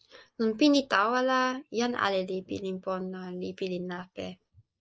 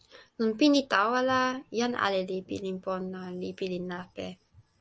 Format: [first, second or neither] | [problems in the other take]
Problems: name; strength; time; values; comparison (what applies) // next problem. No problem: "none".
second | noise reduction (neural mask model Resemble Enhance denoiser)